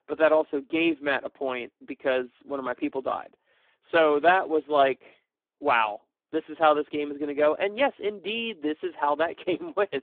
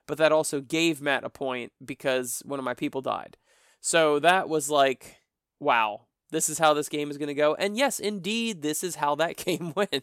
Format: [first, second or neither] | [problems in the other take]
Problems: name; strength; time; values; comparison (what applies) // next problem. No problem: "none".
second | phone-call audio; poor line